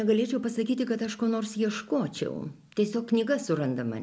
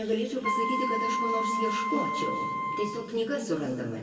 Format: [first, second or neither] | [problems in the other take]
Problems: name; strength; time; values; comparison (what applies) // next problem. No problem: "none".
first | background sound (Wind instrument, woodwind instrument); as loud as the speech // room echo; dies away in 2 s